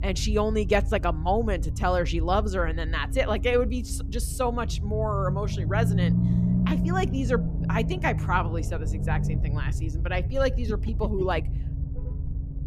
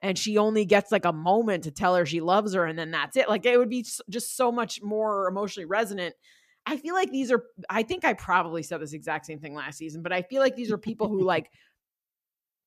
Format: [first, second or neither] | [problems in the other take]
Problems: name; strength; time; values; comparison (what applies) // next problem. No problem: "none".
second | low rumble; noticeable; throughout; 10 dB below the speech